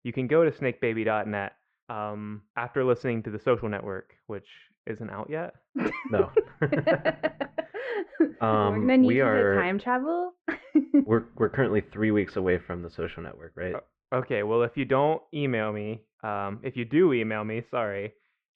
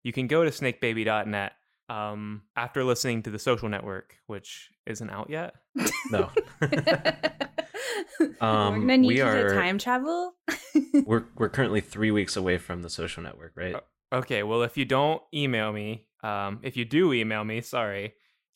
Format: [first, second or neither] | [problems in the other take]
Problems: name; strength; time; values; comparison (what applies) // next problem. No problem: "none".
second | muffled; very; fading above 2 kHz